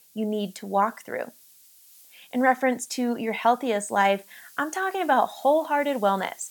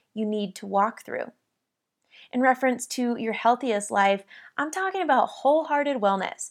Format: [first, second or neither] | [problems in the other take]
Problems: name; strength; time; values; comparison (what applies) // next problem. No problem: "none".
second | hiss; faint; throughout; 25 dB below the speech